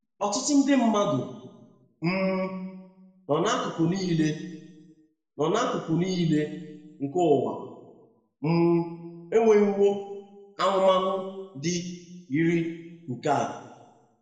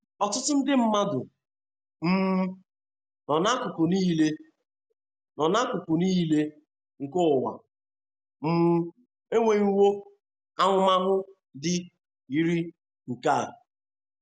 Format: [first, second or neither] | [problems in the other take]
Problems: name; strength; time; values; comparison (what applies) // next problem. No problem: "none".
second | room echo; dies away in 1 s